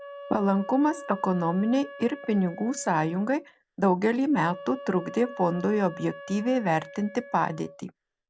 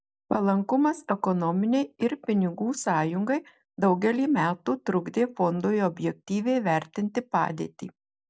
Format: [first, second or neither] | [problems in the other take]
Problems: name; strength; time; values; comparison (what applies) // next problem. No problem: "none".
second | background sound (Wind instrument, woodwind instrument); 16 dB below the speech